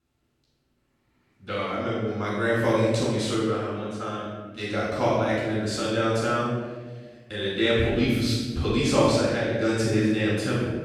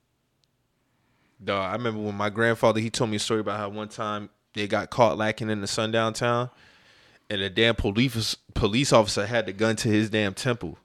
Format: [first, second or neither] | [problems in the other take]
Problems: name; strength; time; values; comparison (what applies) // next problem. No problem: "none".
second | off-mic speech; far // room echo; strong; dies away in 1.2 s